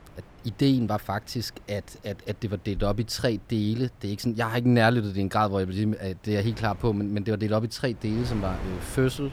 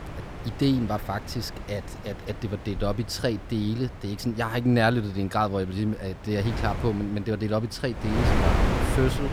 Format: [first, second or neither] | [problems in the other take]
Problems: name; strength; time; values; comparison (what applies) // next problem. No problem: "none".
first | wind noise on the microphone; heavy; 5 dB below the speech; occasional gusts in the first